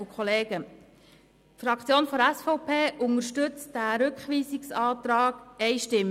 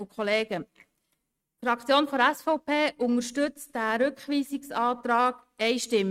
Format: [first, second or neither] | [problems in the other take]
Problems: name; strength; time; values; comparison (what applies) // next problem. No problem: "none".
first | noise reduction (neural mask model RNNoise)